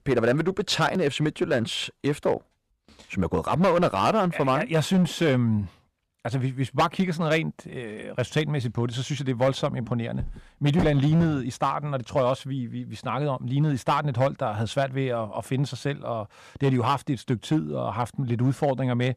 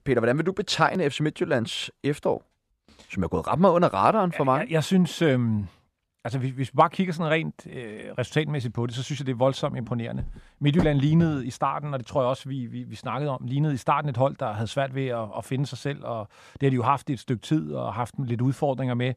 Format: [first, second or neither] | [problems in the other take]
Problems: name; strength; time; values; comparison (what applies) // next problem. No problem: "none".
second | distortion; slight; 4% of the sound clipped